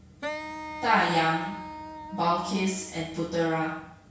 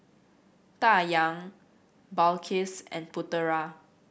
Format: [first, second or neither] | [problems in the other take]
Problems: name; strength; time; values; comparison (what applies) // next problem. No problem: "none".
second | background sound (Wind instrument, woodwind instrument); 11 dB below the speech // room echo; dies away in 0.6 s